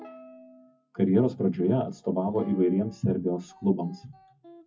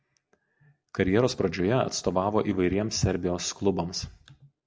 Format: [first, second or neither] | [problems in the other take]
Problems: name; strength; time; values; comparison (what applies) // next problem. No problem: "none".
second | noise reduction (classical method WPE with log-MMSE)